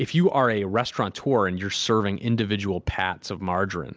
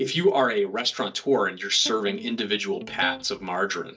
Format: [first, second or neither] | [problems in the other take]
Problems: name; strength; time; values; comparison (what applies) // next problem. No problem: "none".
first | noise reduction (neural mask model DeepFilterNet 3)